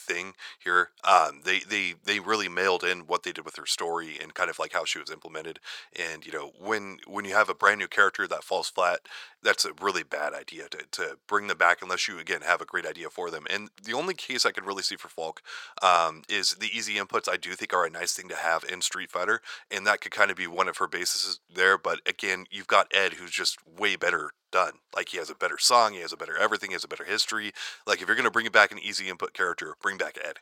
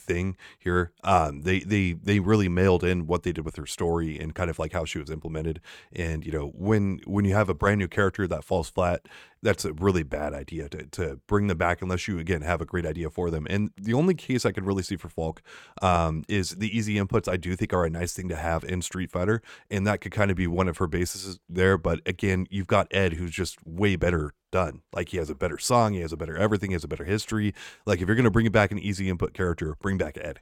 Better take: second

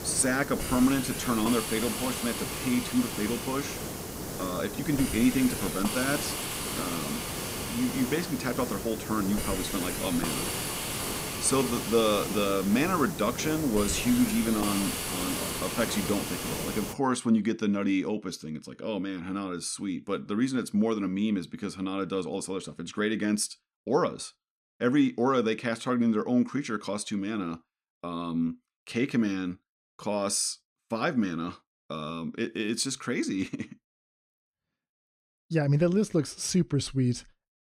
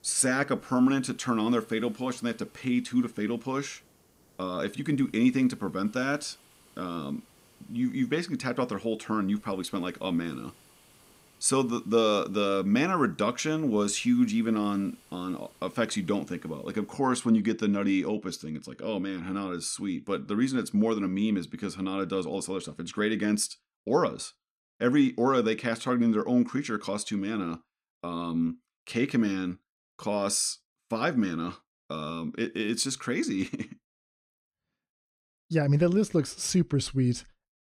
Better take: second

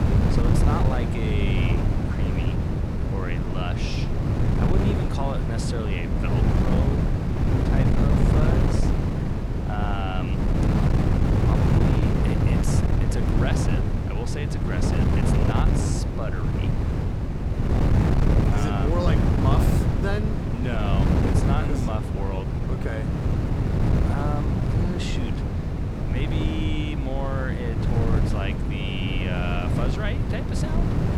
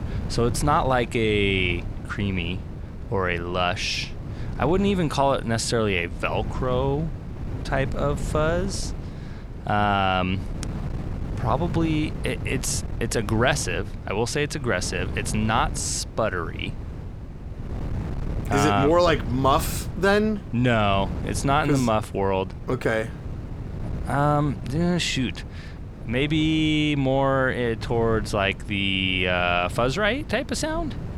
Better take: second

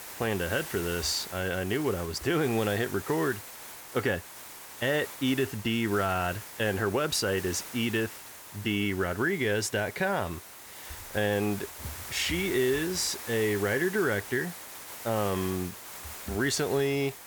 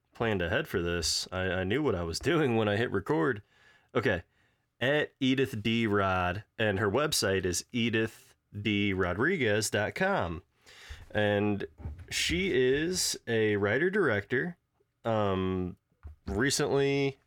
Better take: second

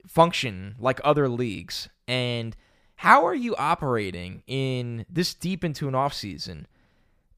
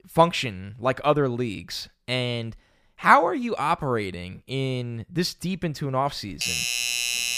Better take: first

